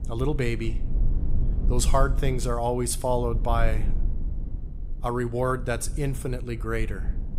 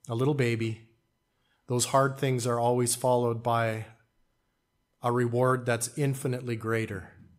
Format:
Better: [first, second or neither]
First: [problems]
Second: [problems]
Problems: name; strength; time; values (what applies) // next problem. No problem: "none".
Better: second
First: low rumble; noticeable; throughout; 20 dB below the speech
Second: none